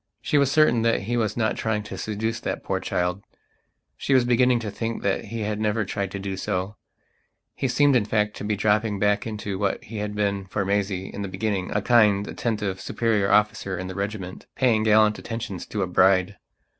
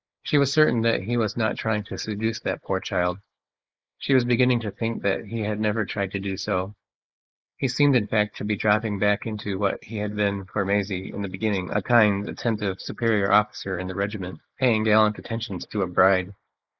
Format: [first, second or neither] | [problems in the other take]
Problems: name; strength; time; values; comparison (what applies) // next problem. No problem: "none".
first | noise reduction (neural mask model Resemble Enhance denoiser)